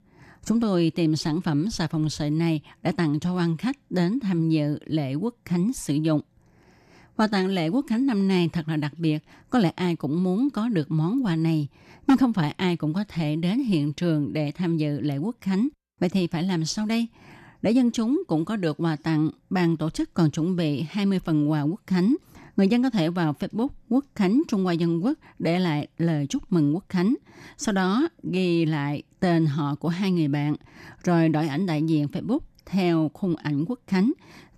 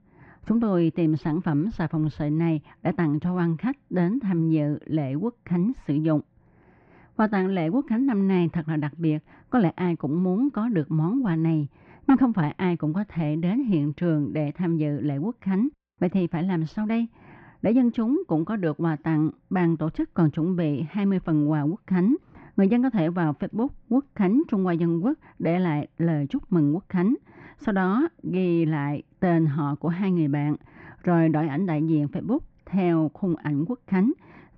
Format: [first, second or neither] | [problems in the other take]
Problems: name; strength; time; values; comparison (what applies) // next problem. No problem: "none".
first | muffled; very; fading above 2 kHz